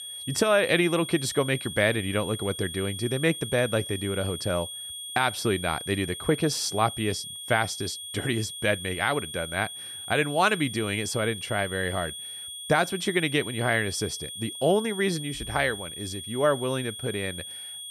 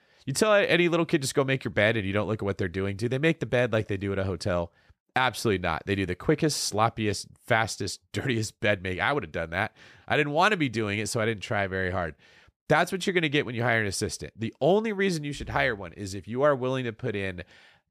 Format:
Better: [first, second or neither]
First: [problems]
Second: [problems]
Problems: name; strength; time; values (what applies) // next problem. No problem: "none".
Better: second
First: high-pitched whine; loud; throughout; 3.5 kHz, 8 dB below the speech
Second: none